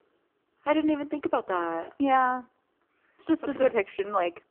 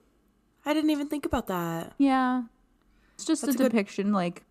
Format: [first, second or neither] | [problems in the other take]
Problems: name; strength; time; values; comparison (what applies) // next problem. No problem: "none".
second | phone-call audio; poor line; nothing above 3 kHz